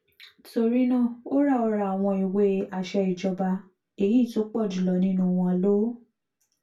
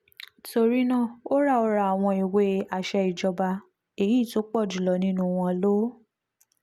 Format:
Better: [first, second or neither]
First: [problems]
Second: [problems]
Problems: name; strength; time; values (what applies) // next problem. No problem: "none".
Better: second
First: room echo; dies away in 0.2 s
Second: none